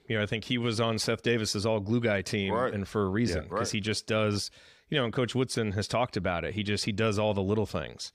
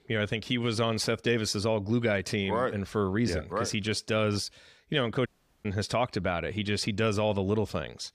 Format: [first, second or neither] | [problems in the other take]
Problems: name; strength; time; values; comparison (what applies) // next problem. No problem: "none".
first | audio cutting out; at 5.5 s